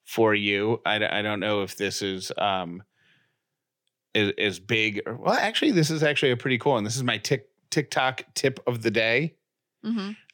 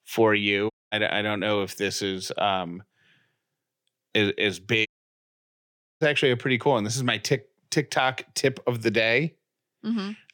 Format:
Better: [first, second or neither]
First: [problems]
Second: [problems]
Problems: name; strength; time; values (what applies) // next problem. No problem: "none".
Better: first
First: none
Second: audio cutting out; at 0.5 s and at 5 s for 1 s